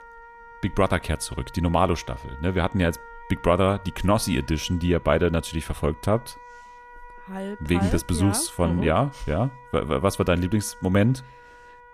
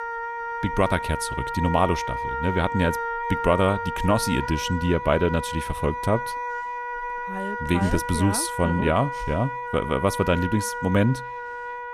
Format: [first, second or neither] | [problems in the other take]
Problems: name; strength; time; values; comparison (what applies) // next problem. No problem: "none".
first | background music; loud; throughout; 5 dB below the speech; faint in the first